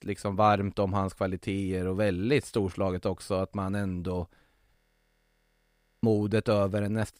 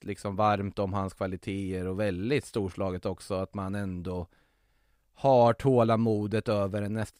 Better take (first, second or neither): second